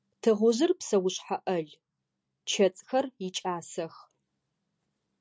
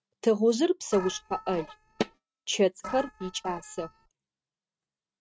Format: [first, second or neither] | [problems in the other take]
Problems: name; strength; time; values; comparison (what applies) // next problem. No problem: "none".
first | noise reduction (neural mask model RNNoise)